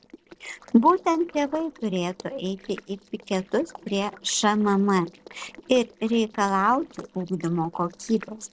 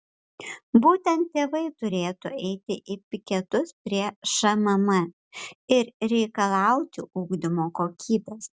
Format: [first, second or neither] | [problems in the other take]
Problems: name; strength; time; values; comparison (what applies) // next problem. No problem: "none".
second | noise reduction (neural separator model SepFormer DNS4)